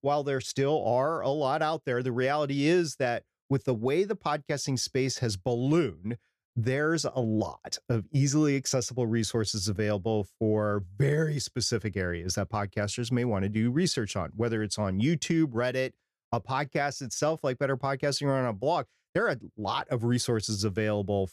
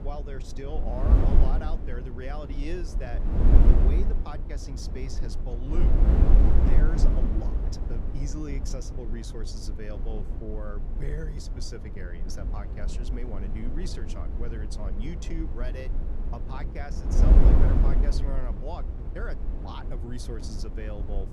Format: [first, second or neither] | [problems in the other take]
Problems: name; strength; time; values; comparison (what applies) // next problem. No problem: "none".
first | wind noise on the microphone; heavy; 1 dB above the speech